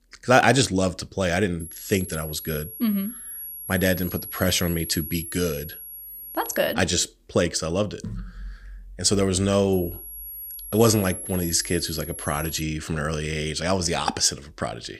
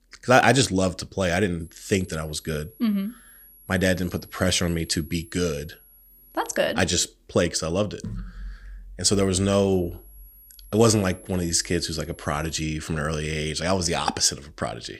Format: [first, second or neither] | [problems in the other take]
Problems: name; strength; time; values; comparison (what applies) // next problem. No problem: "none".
second | high-pitched whine; loud; from 1.5 to 6.5 s and from 9.5 to 13 s; 11.5 kHz, 10 dB below the speech; faint in the second